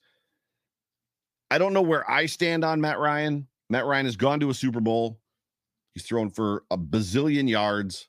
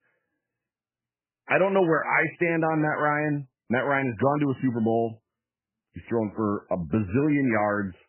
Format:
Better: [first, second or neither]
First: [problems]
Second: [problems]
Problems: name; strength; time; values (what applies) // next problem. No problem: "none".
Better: first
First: none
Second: garbled, watery; badly; nothing above 2.5 kHz